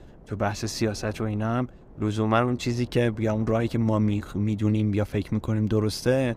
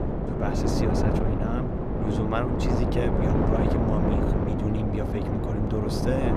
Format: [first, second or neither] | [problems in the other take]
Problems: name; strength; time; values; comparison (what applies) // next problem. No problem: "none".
first | wind noise on the microphone; heavy; 4 dB above the speech; occasional gusts in the first